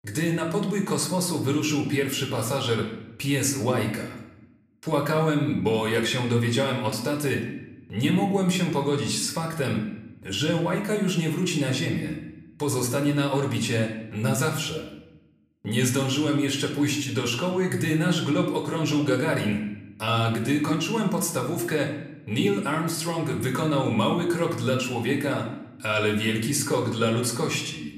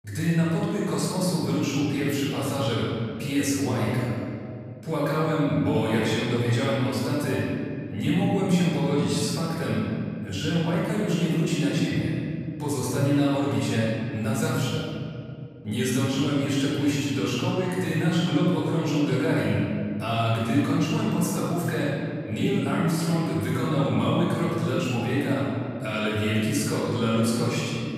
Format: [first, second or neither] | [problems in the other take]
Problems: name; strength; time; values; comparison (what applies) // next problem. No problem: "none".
first | room echo; strong; dies away in 2.7 s; slight in the first // off-mic speech; far; somewhat distant in the first